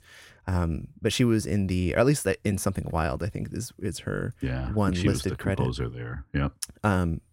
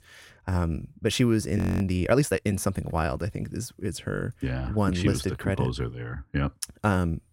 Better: first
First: none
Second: audio freezing; at 1.5 s

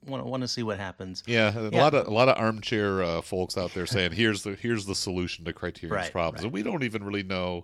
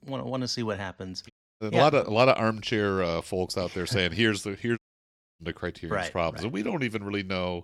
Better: first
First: none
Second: audio cutting out; at 1.5 s and at 5 s for 0.5 s

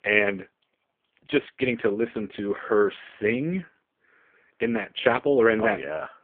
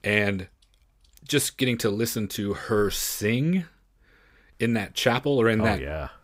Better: second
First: phone-call audio; poor line; nothing above 3.5 kHz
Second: none

